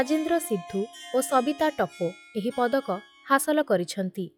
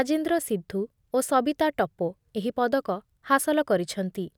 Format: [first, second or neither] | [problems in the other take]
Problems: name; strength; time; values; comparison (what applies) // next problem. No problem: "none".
second | noise reduction (classical method log-MMSE)